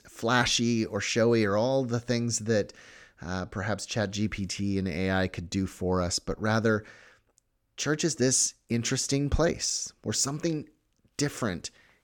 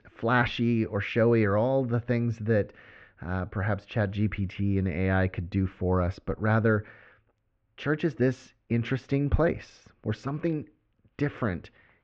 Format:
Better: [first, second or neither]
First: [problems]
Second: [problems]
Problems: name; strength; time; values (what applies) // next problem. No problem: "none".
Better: first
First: none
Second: muffled; very; fading above 2.5 kHz